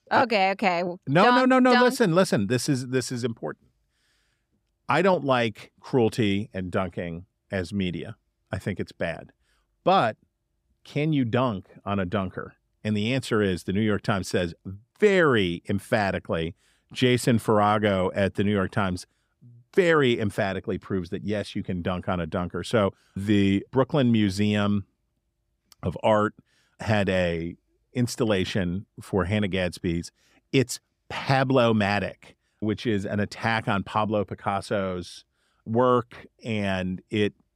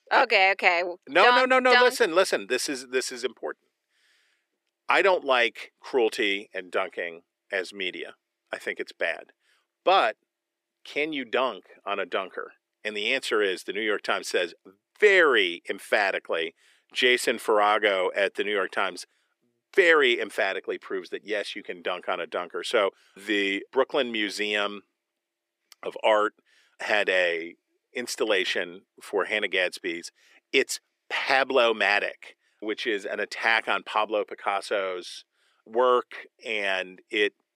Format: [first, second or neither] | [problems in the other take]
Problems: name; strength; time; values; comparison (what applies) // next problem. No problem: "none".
first | thin; very; fading below 350 Hz